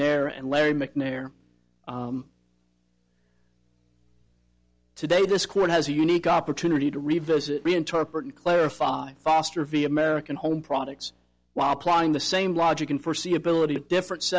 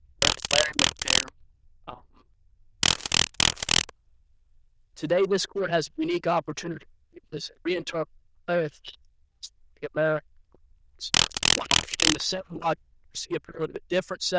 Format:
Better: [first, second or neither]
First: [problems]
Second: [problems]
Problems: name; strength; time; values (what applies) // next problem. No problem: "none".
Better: first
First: none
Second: noise reduction (neural diffusion model UNIVERSE++)